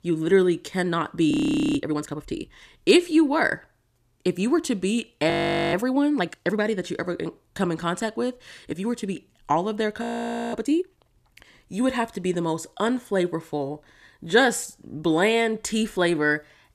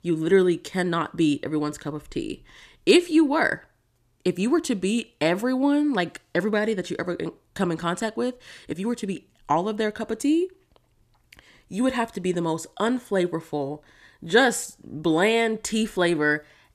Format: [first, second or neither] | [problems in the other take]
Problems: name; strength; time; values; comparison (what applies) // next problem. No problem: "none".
second | audio freezing; at 1.5 s, at 5.5 s and at 10 s for 0.5 s